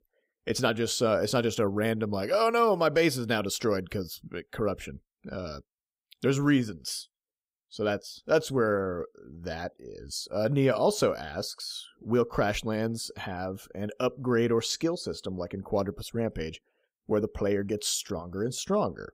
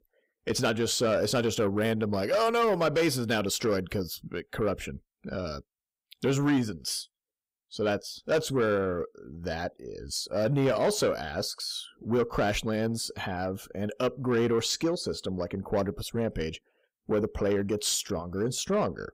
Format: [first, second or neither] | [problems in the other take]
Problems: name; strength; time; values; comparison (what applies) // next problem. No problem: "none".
first | distortion; slight; 10 dB below the speech